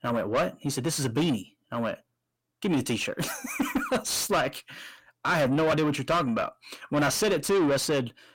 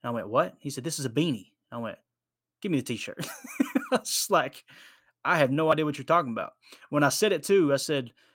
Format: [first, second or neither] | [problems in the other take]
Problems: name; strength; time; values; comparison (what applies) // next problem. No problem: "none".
second | distortion; heavy; 6 dB below the speech